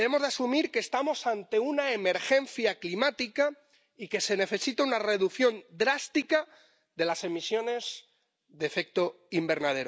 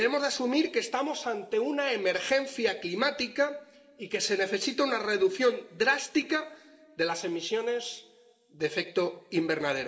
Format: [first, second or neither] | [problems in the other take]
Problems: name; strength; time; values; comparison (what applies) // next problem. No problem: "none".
first | room echo; dies away in 2.2 s